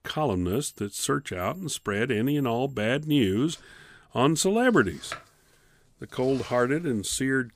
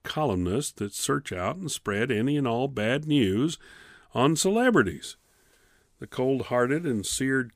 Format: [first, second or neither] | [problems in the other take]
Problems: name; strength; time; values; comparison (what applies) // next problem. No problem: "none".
second | household noises; faint; throughout; 20 dB below the speech